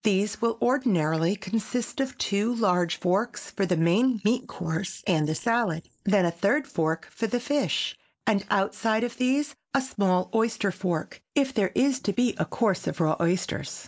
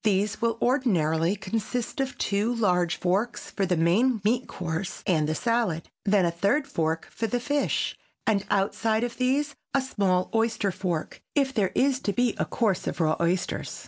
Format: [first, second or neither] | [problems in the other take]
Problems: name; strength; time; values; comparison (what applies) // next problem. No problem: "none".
second | noise reduction (neural mask model Resemble Enhance denoiser)